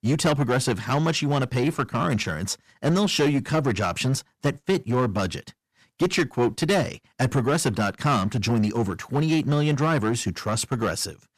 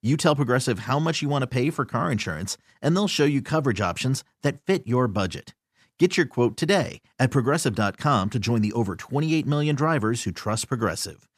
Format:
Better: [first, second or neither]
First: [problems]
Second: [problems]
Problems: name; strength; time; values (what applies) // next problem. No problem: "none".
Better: second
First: distortion; slight; 7% of the sound clipped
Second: none